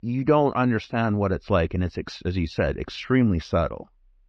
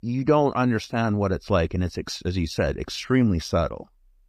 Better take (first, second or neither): second